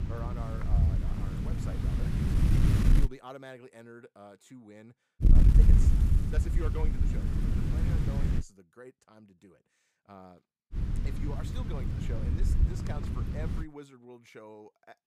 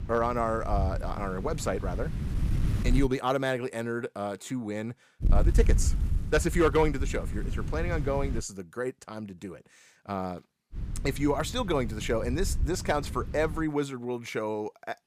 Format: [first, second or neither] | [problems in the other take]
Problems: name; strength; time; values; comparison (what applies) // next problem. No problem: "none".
second | wind noise on the microphone; heavy; until 3 s, from 5 to 8.5 s and from 11 to 14 s; 5 dB above the speech; occasional gusts in the second